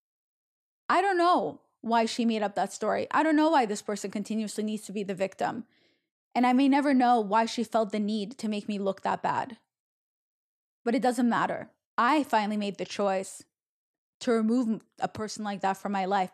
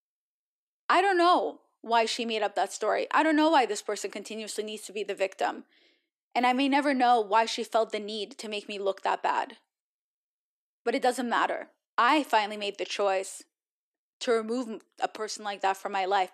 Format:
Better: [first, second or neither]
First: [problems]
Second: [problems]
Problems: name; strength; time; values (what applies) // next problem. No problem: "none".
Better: first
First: none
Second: thin; very slightly; fading below 350 Hz